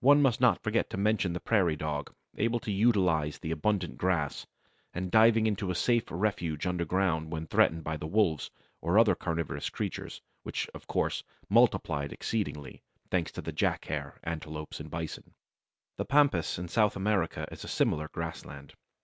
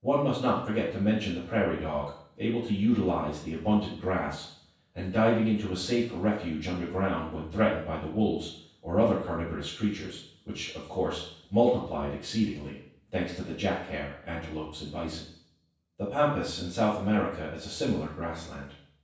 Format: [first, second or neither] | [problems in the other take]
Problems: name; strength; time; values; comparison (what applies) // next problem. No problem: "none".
first | room echo; dies away in 0.7 s